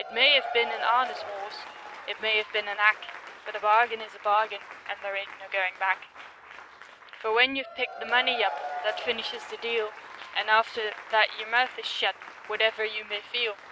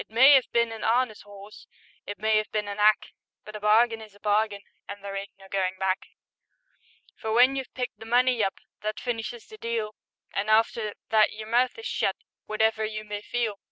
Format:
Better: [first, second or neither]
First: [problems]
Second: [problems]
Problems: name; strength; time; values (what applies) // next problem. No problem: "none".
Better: second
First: background sound (Applause / Crowd / Cheering); 12 dB below the speech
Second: none